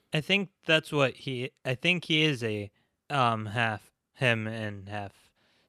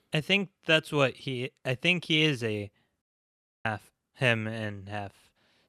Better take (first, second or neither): first